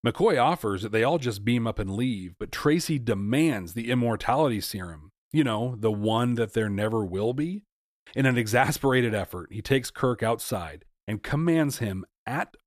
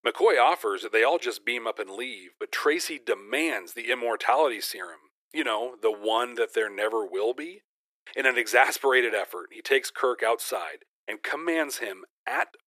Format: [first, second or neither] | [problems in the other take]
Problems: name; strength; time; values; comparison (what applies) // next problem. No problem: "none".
first | thin; very; fading below 350 Hz